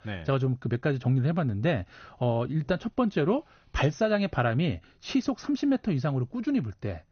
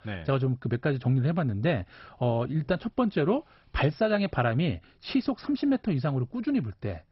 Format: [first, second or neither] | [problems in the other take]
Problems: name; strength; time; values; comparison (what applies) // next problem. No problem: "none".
first | garbled, watery; badly; nothing above 5.5 kHz; slightly in the first